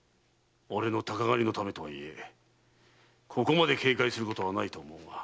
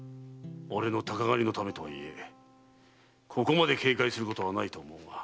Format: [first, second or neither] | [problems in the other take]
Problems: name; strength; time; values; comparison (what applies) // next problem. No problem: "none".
first | background sound (Guitar); 19 dB below the speech